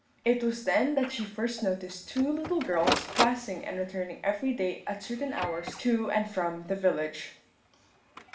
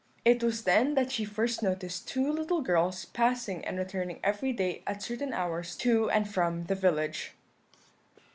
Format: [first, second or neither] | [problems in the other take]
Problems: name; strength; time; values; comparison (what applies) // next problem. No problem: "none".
second | background sound (Printer); 8 dB below the speech // room echo; dies away in 0.5 s